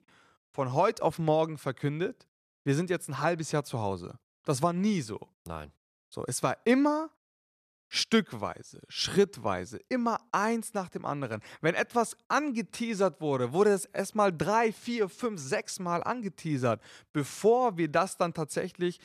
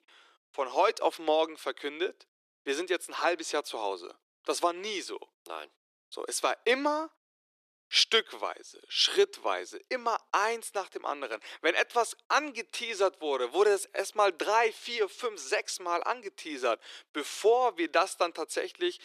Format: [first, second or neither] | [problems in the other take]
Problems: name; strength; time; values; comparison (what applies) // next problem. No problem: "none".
first | thin; very; fading below 350 Hz